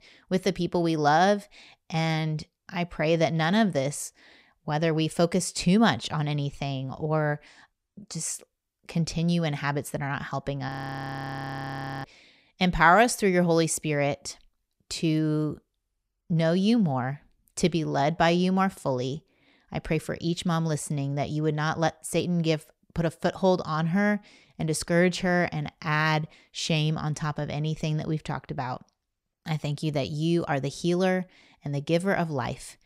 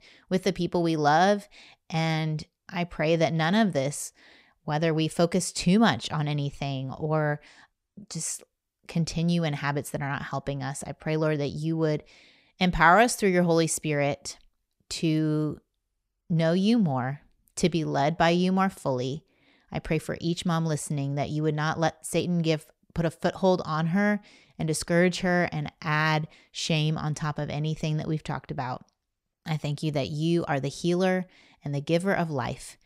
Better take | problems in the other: second | audio freezing; at 11 s for 1.5 s

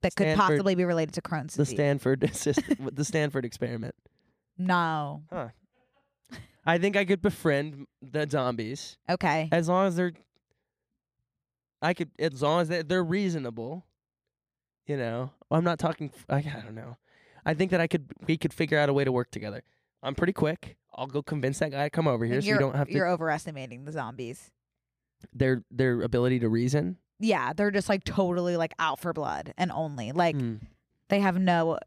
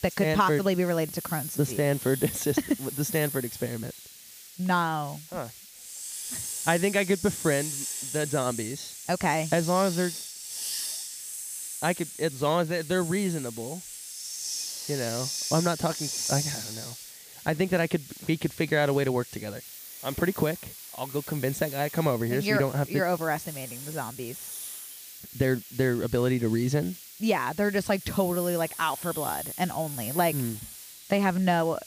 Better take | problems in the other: first | hiss; loud; throughout; 8 dB below the speech

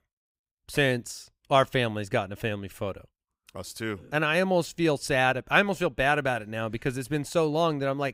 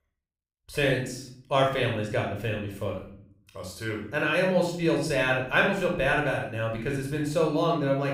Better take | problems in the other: first | off-mic speech; somewhat distant // room echo; noticeable; dies away in 0.5 s

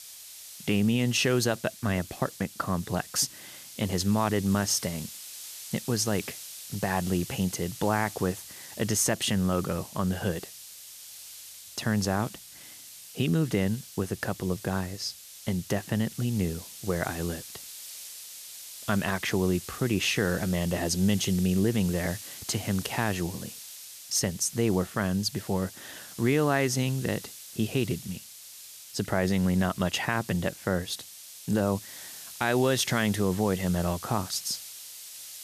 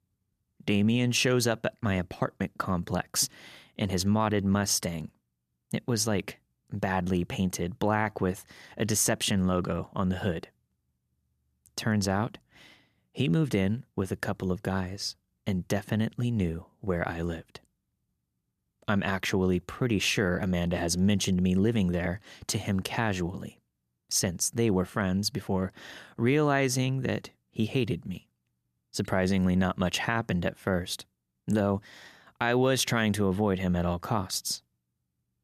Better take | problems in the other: second | hiss; noticeable; throughout; 15 dB below the speech

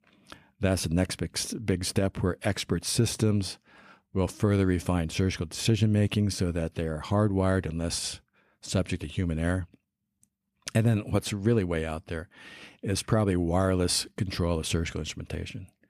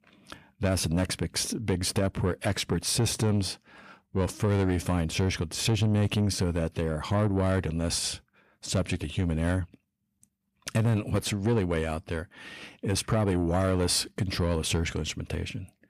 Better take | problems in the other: first | distortion; slight; 10 dB below the speech

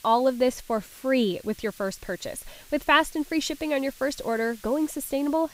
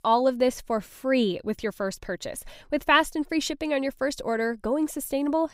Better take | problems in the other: second | hiss; faint; throughout; 20 dB below the speech

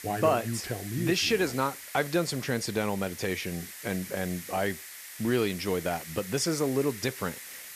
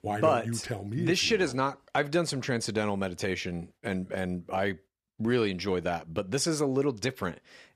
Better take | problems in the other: second | hiss; noticeable; throughout; 10 dB below the speech

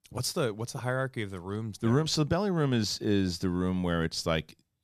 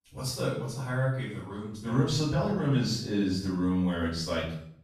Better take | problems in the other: first | off-mic speech; far // room echo; noticeable; dies away in 0.6 s

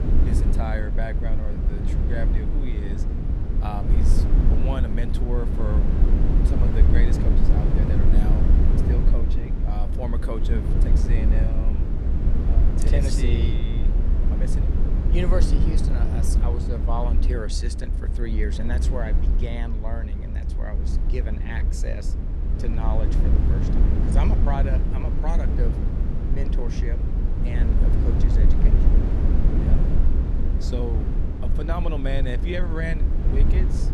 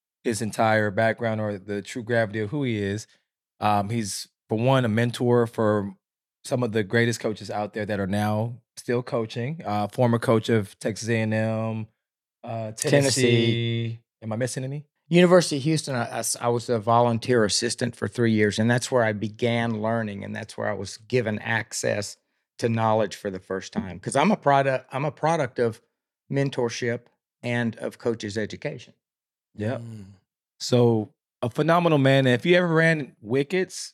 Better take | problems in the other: second | low rumble; loud; throughout; 1 dB below the speech

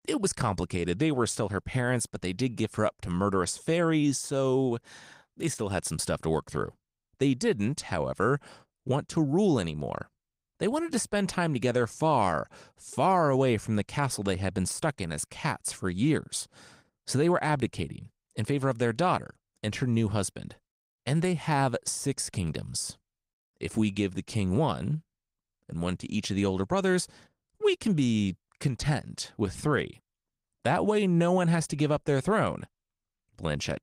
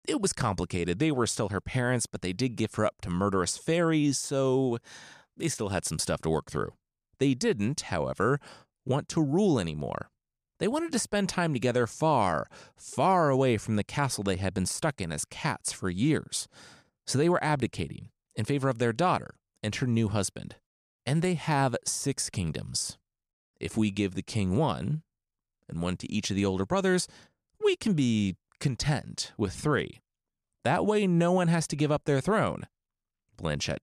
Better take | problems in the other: second | garbled, watery; slightly; nothing above 15.5 kHz

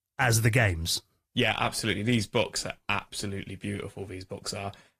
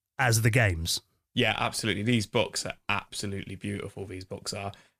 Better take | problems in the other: second | garbled, watery; slightly; nothing above 14.5 kHz

